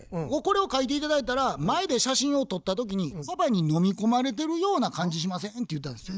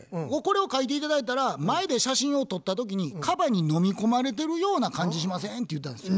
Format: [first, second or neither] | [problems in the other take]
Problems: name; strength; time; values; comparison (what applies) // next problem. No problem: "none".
second | noise reduction (neural mask model DeepFilterNet 3)